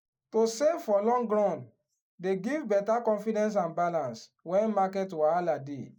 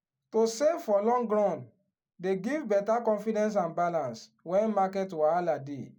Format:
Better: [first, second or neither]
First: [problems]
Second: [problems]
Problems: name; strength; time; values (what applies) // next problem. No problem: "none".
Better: second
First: noise reduction (neural mask model Resemble Enhance denoiser)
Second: none